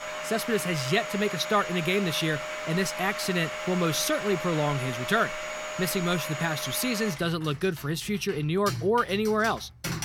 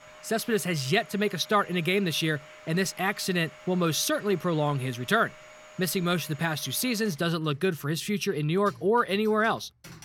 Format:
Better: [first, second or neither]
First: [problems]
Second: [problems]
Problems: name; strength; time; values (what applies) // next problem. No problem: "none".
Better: second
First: household noises; loud; throughout; 7 dB below the speech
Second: household noises; faint; throughout; 20 dB below the speech